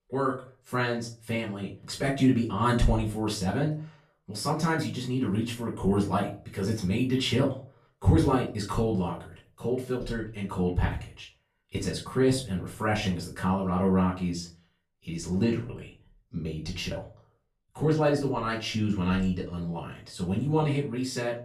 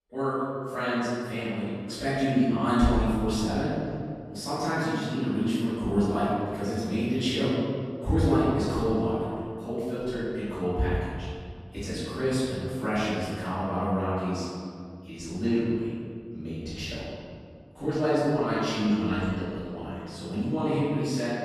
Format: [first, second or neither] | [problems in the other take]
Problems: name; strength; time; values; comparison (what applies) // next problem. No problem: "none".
first | room echo; strong; dies away in 2.1 s; slight in the first // off-mic speech; far; far in the first